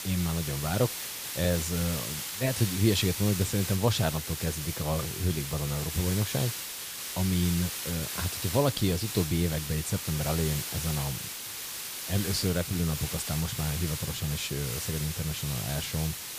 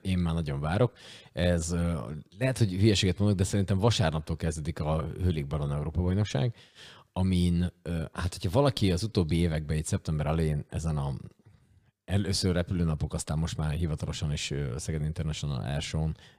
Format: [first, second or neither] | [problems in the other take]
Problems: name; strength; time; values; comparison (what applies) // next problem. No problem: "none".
second | hiss; loud; throughout; 4 dB below the speech